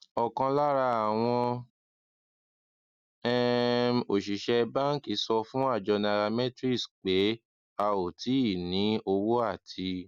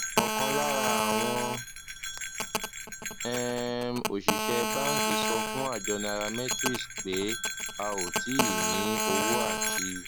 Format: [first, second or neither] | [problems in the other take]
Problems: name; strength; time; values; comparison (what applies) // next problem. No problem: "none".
first | background sound (Telephone + Bell); 3 dB above the speech